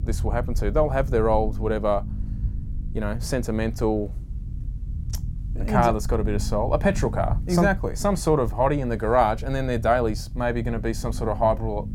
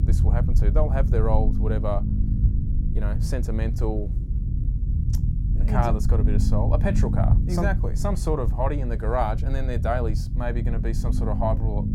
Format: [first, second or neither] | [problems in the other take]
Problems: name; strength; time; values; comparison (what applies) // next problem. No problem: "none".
first | low rumble; loud; throughout; 9 dB below the speech; faint in the first